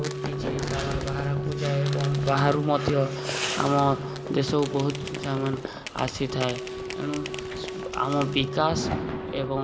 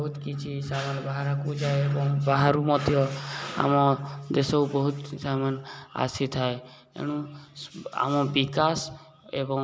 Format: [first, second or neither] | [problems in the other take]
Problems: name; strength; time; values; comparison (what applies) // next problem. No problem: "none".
second | background sound (Wind instrument, woodwind instrument + Fireworks); 6 dB below the speech